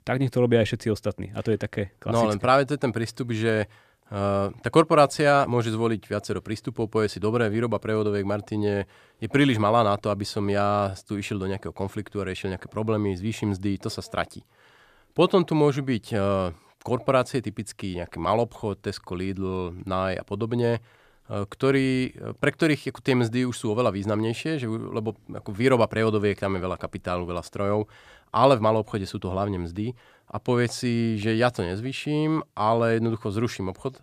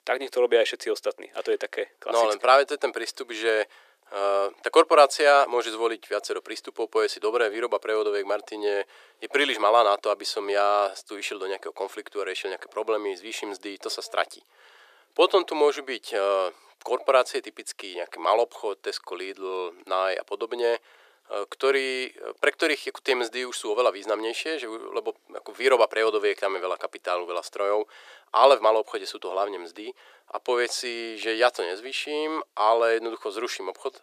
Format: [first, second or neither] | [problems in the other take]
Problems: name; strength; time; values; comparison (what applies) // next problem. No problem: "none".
first | thin; very; fading below 400 Hz